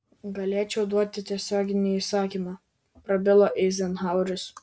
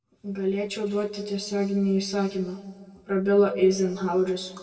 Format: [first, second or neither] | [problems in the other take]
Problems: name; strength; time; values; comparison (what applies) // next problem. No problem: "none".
first | room echo; dies away in 1.5 s